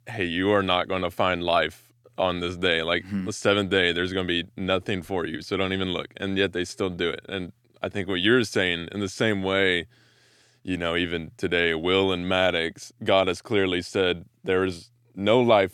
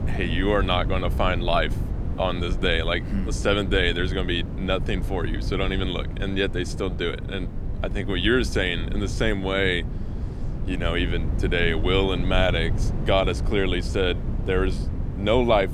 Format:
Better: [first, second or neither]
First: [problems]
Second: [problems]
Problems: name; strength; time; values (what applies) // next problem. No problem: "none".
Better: first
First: none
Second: wind noise on the microphone; occasional gusts; 15 dB below the speech